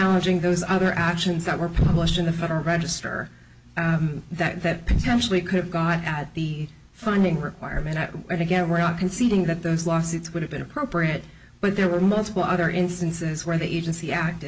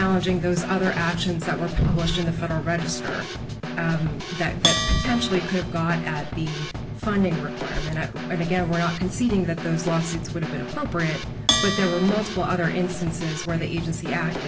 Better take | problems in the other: first | background sound (Snare drum / Drum kit + Bell); 5 dB below the speech

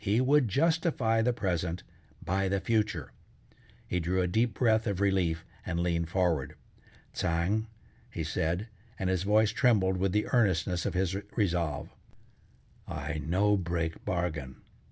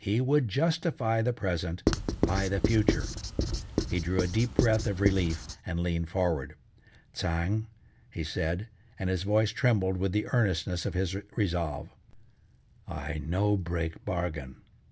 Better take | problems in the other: first | background sound (Writing); 1 dB below the speech

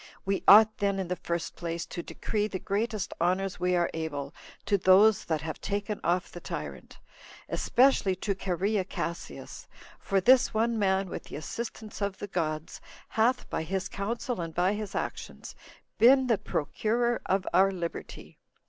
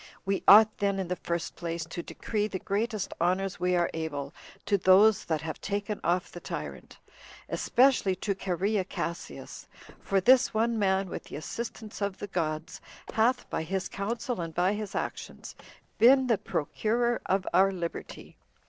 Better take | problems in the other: first | noise reduction (neural separator model SepFormer DNS4)

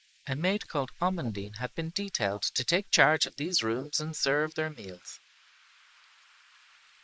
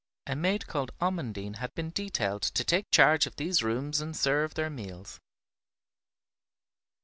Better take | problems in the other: second | noise reduction (neural mask model Resemble Enhance denoiser)

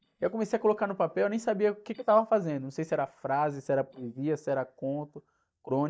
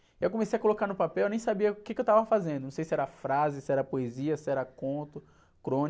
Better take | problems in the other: second | noise reduction (neural mask model DeepFilterNet 3)

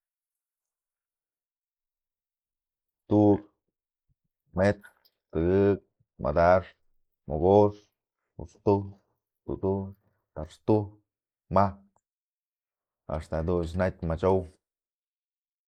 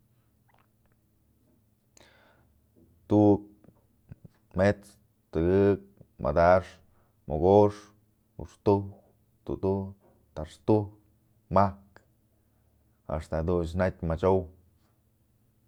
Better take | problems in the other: second | noise reduction (neural mask model Resemble Enhance denoiser)

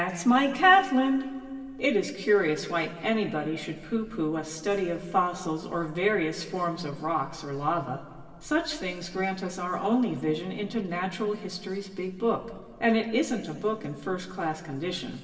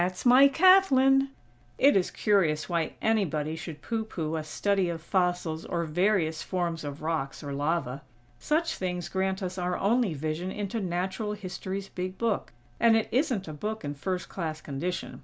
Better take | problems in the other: second | room echo; dies away in 2.2 s

